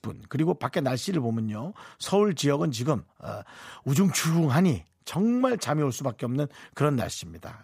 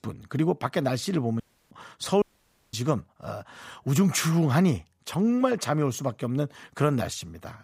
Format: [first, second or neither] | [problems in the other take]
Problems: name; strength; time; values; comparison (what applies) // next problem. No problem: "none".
first | audio cutting out; at 1.5 s and at 2 s for 0.5 s